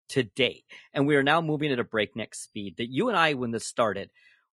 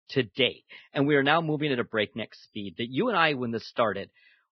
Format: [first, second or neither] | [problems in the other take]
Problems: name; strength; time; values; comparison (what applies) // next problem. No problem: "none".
first | garbled, watery; badly; nothing above 5.5 kHz; slightly in the first